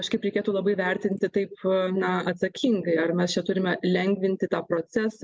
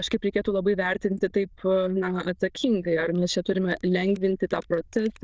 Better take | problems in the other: first | noise reduction (neural diffusion model UNIVERSE++)

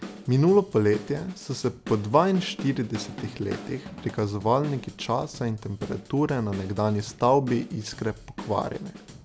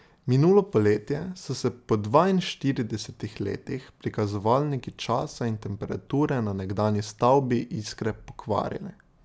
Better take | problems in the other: second | background sound (Drum / Drum kit); 15 dB below the speech

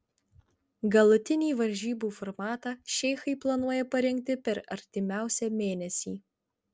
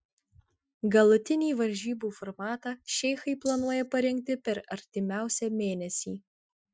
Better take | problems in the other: first | noise reduction (classical method Wiener filter)

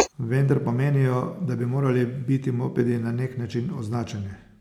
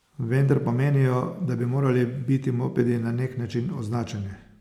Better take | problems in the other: second | background sound (Writing); 13 dB below the speech

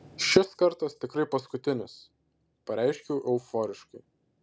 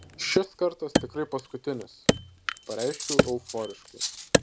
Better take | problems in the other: first | background sound (Wood + Cutlery, silverware); 3 dB above the speech

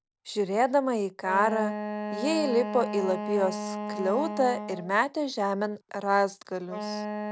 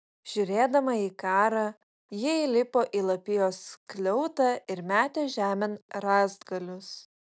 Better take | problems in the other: second | background sound (Wind instrument, woodwind instrument); 8 dB below the speech

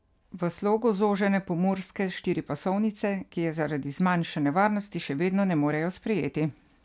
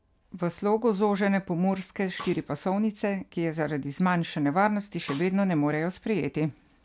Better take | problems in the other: first | background sound (Snare drum); 17 dB below the speech

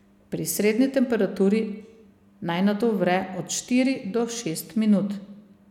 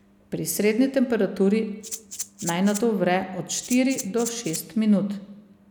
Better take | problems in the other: first | background sound (Rattle (instrument)); 12 dB below the speech

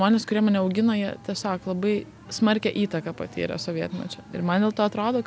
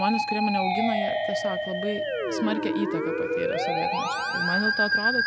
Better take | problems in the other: first | background sound (Musical instrument); 4 dB above the speech

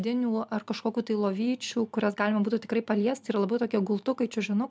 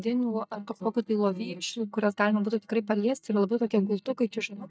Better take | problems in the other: first | noise reduction (neural mask model DeepFilterNet 3)

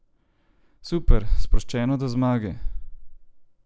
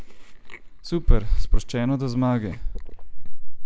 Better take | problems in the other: first | background sound (Chewing, mastication); 3 dB below the speech

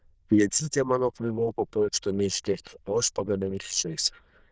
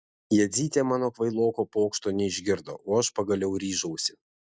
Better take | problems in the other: second | noise reduction (neural diffusion model UNIVERSE++)

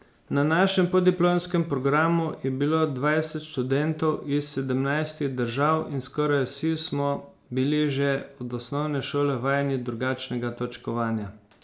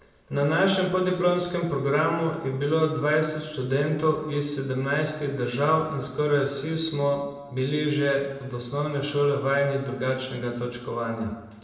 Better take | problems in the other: first | room echo; dies away in 1 s

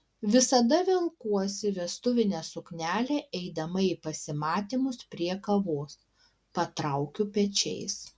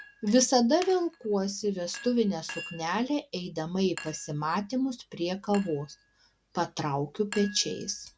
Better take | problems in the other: first | background sound (Chink, clink); 19 dB below the speech

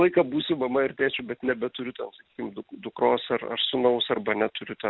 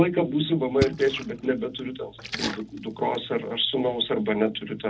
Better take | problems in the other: first | background sound (Splash, splatter); 12 dB below the speech // room echo; dies away in 0.4 s

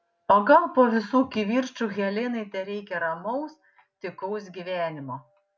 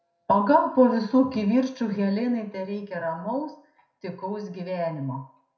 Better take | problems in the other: first | room echo; dies away in 0.5 s

